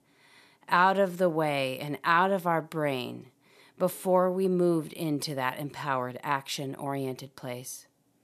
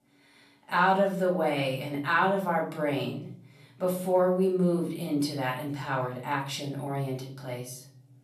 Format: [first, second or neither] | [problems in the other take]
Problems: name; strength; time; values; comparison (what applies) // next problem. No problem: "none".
first | off-mic speech; far // room echo; slight; dies away in 0.7 s